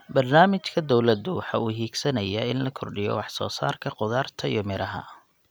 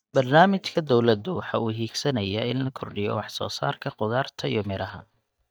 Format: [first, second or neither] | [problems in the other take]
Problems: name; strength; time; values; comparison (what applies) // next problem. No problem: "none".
first | noise reduction (neural mask model DeepFilterNet 3)